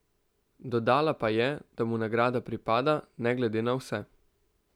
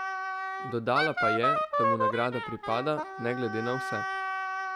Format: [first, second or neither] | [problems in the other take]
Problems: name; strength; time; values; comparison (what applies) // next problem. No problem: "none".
first | background sound (Wind instrument, woodwind instrument); 2 dB above the speech